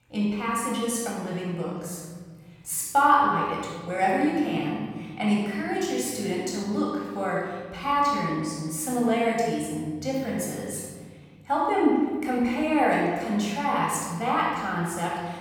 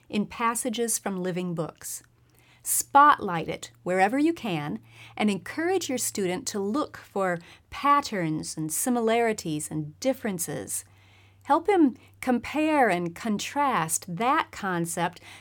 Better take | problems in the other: second | off-mic speech; far // room echo; strong; dies away in 1.6 s

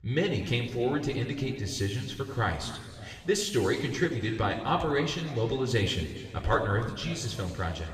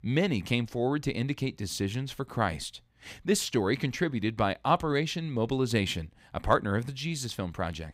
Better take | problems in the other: second | room echo; noticeable; dies away in 1.9 s // off-mic speech; far

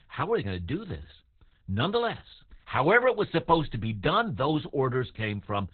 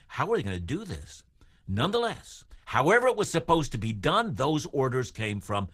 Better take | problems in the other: second | garbled, watery; badly; nothing above 4 kHz; slightly in the second

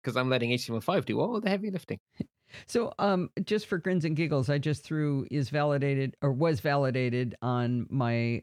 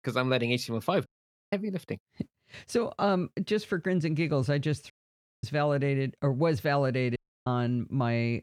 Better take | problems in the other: first | audio cutting out; at 1 s, at 5 s for 0.5 s and at 7 s

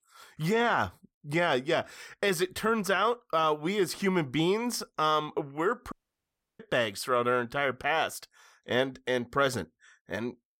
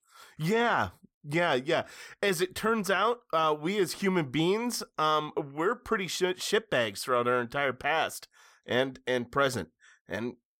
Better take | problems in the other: second | audio cutting out; at 6 s for 0.5 s

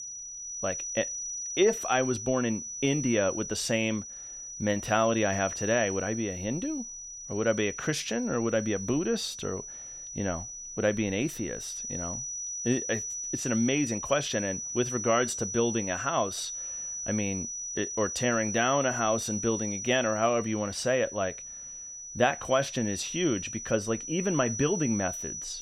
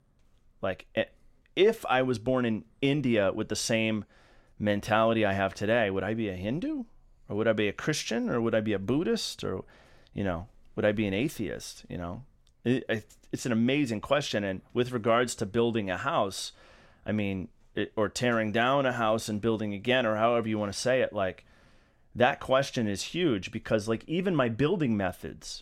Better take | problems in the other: second | high-pitched whine; loud; throughout; 6 kHz, 6 dB below the speech

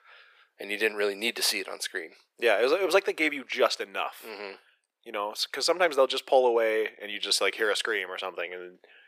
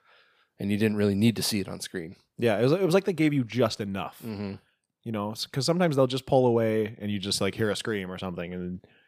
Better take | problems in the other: second | thin; very; fading below 400 Hz

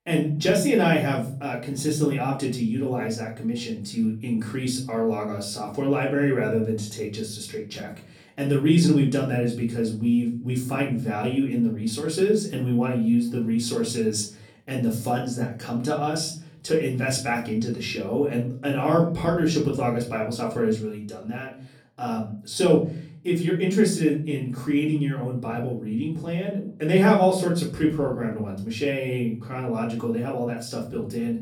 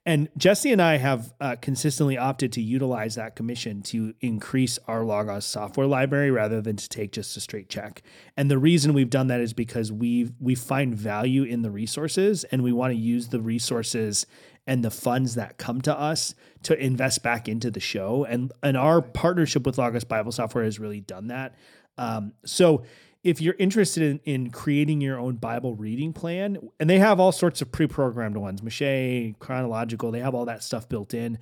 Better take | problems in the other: second | room echo; slight; dies away in 0.4 s // off-mic speech; far

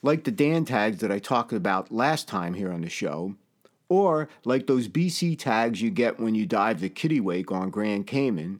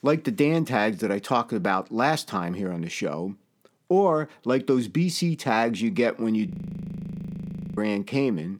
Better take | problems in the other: first | audio freezing; at 6.5 s for 1.5 s

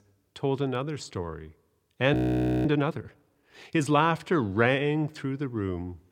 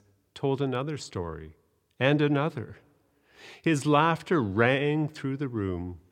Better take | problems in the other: second | audio freezing; at 2 s for 0.5 s

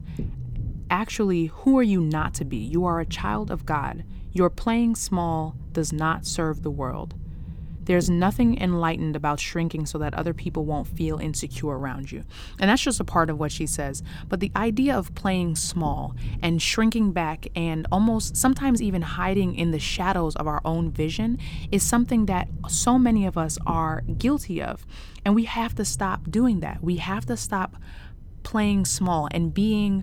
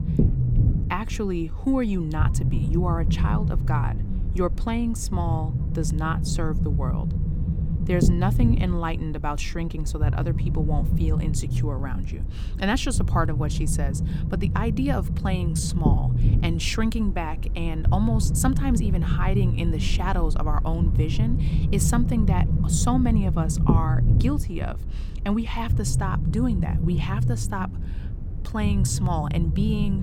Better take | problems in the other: first | low rumble; loud; throughout; 6 dB below the speech; faint in the first

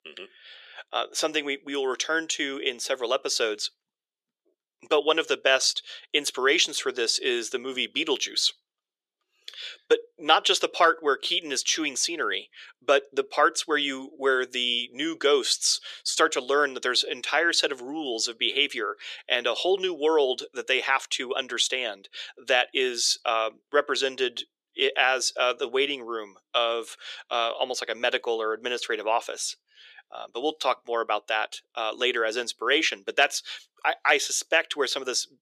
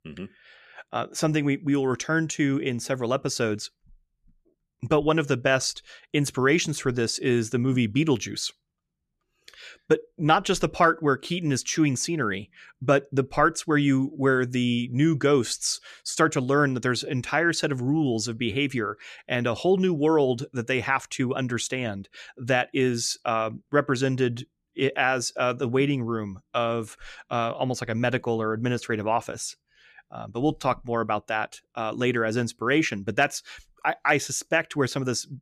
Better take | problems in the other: second | thin; very; fading below 400 Hz

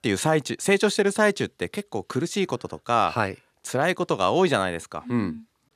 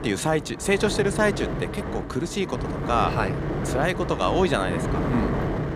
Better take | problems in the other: first | wind noise on the microphone; heavy; 6 dB below the speech

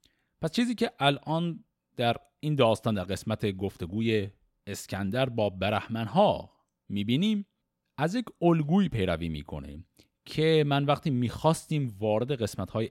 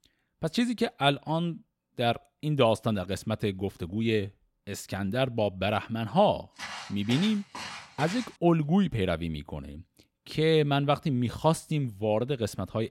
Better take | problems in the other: first | footsteps; noticeable; from 6.5 to 8.5 s; peak 10 dB below the speech

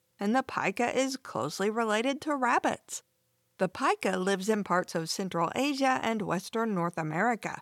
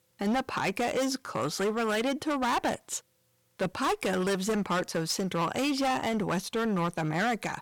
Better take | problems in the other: first | distortion; heavy; 15% of the sound clipped

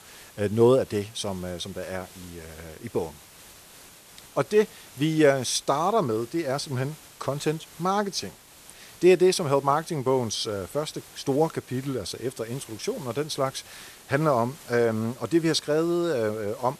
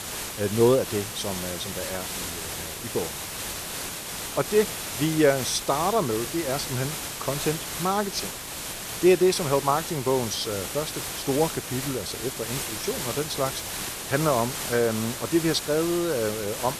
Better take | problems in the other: first | hiss; loud; throughout; 5 dB below the speech; faint in the first

